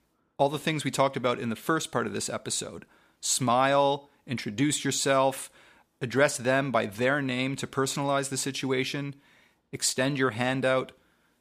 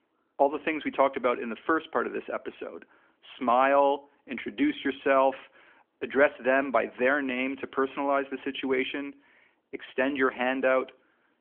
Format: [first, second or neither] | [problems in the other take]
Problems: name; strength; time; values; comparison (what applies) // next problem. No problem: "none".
first | phone-call audio; nothing above 3.5 kHz